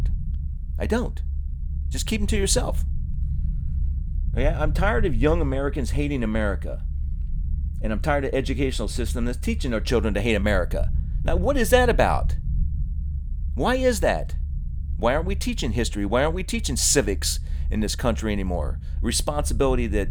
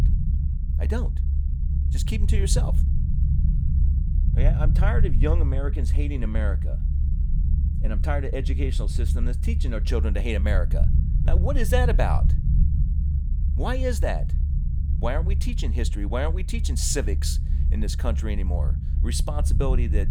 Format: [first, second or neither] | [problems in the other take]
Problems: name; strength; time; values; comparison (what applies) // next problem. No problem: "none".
first | low rumble; loud; throughout; 9 dB below the speech; faint in the first